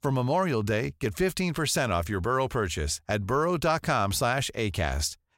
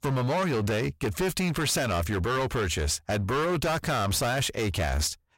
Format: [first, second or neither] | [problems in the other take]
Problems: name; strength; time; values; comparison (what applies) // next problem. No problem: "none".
first | distortion; heavy; 26% of the sound clipped